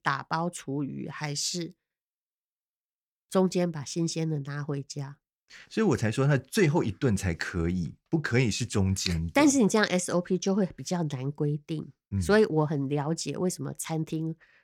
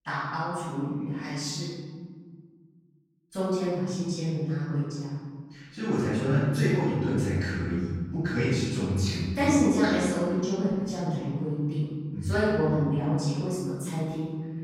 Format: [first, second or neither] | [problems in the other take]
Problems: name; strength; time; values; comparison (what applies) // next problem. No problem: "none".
first | off-mic speech; far // room echo; strong; dies away in 1.8 s